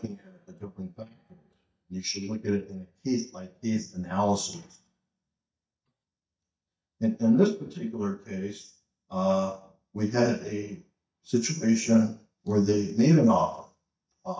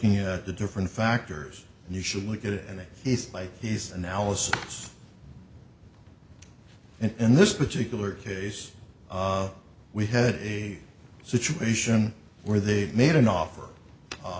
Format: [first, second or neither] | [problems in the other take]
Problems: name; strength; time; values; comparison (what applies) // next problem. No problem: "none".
second | noise reduction (neural mask model DeepFilterNet 3)